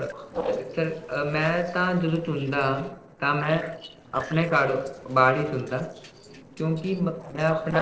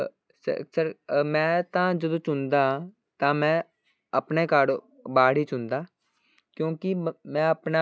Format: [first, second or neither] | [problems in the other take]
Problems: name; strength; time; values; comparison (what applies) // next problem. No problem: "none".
second | noise reduction (neural separator model SepFormer DNS4)